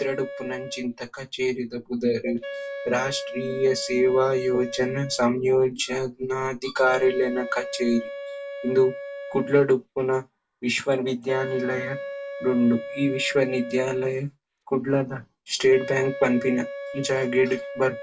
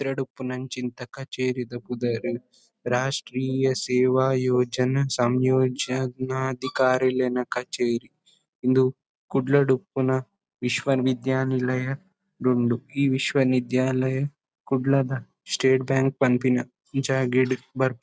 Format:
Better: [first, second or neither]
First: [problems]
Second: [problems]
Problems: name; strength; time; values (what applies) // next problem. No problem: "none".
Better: second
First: background sound (Wind instrument, woodwind instrument); 12 dB below the speech // room echo; dies away in 0.1 s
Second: none